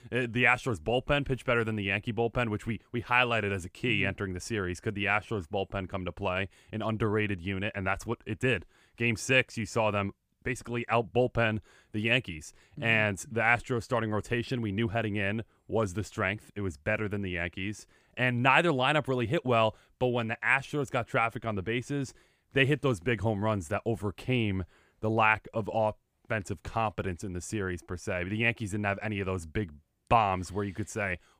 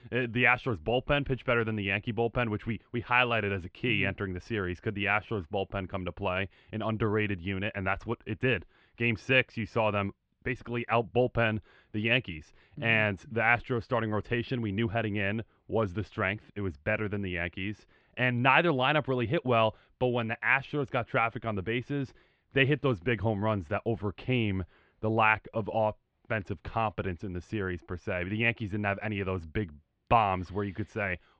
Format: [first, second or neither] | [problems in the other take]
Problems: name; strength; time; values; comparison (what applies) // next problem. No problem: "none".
first | muffled; slightly; fading above 4 kHz